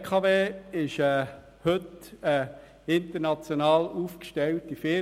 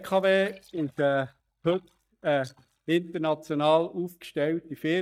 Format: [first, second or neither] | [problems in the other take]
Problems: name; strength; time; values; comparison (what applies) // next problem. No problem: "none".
first | noise reduction (neural mask model DeepFilterNet 3)